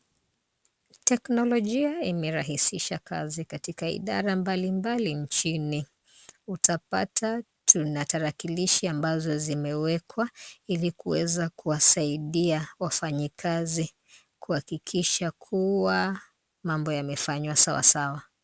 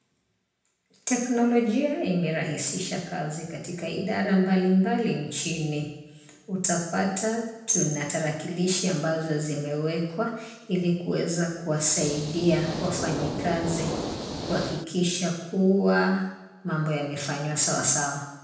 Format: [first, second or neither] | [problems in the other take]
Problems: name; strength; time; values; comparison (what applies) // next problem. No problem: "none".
first | background sound (Hiss); 6 dB below the speech // room echo; dies away in 0.9 s